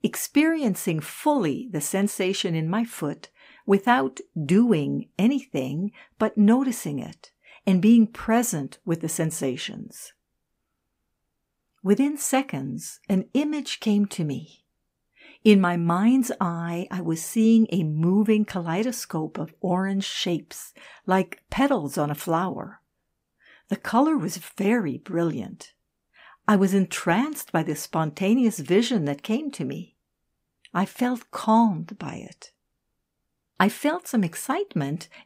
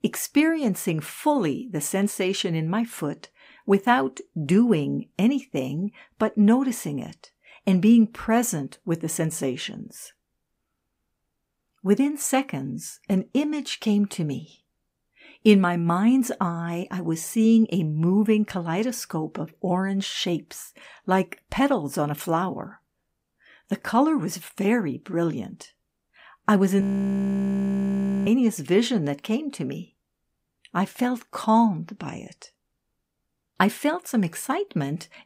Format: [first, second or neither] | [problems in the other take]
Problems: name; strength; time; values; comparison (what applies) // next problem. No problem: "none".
first | audio freezing; at 27 s for 1.5 s